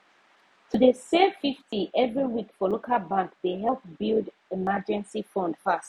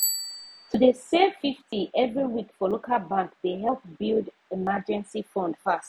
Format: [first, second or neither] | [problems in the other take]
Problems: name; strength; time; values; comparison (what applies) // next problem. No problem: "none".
first | background sound (Bicycle bell); 13 dB below the speech